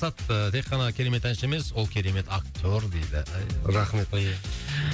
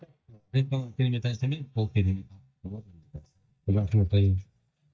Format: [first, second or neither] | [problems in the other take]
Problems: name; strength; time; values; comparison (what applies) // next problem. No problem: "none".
first | noise reduction (neural mask model DeepFilterNet 3)